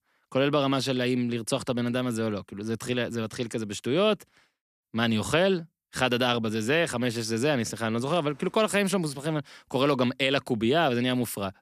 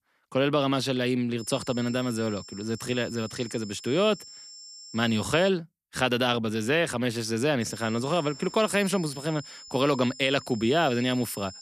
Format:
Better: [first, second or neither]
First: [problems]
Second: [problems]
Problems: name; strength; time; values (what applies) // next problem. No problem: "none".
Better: first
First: none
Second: high-pitched whine; noticeable; from 1.5 to 5.5 s and from 7.5 s on; 5 kHz, 15 dB below the speech